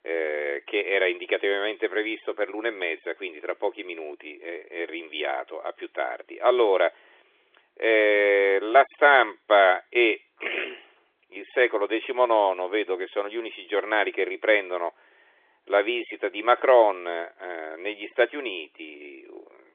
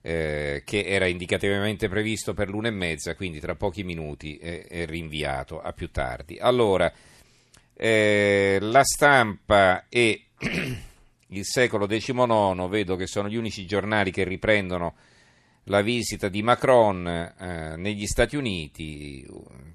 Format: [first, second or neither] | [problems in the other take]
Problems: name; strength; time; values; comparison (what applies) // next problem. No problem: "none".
second | phone-call audio; nothing above 3.5 kHz